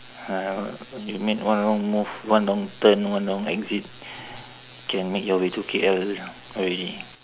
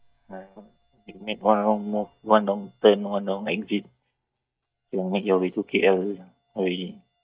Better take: first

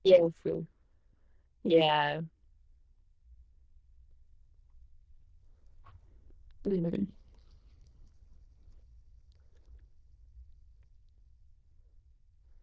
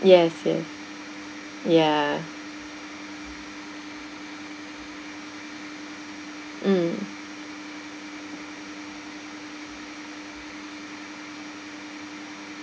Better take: second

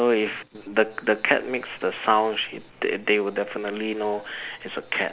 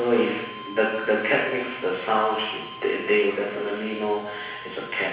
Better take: first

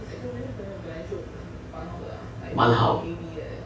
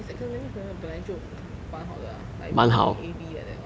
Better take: second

